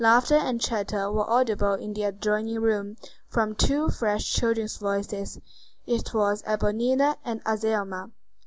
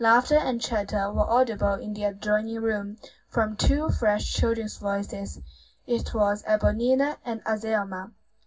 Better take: first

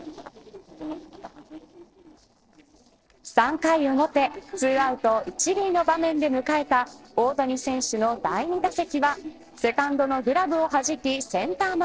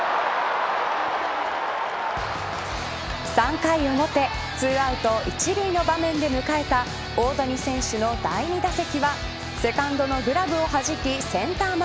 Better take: second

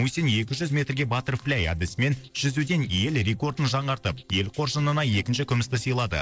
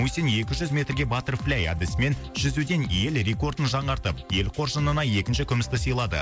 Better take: second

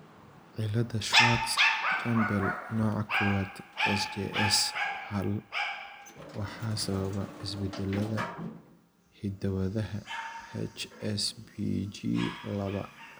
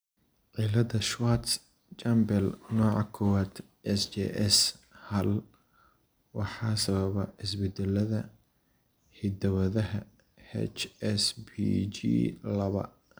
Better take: second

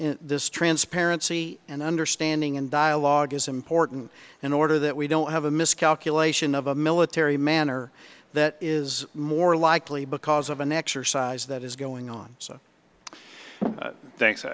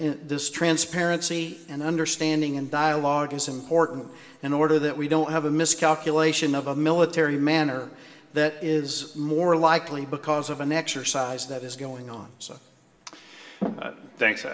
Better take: first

